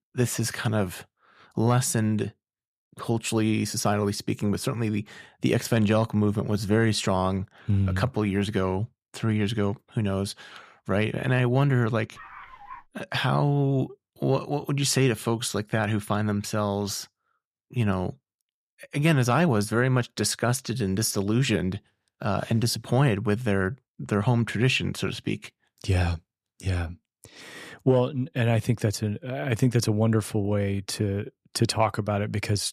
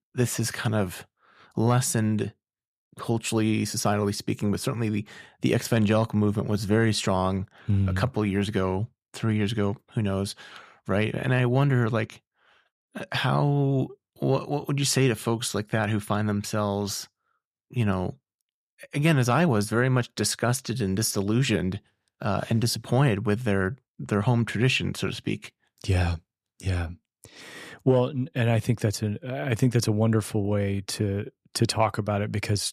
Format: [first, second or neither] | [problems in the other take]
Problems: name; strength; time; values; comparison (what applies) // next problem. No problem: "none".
second | dog barking; faint; at 12 s; peak 20 dB below the speech